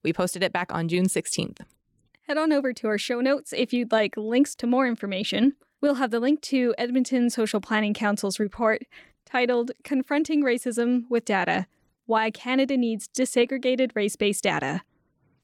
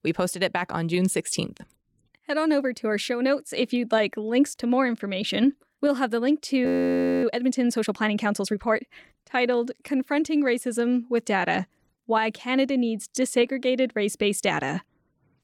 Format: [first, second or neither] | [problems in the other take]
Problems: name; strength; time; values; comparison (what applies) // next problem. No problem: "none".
first | audio freezing; at 6.5 s for 0.5 s